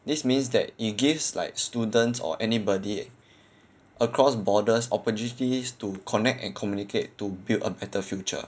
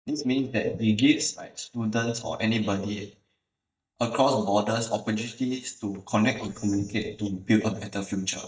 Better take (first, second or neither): first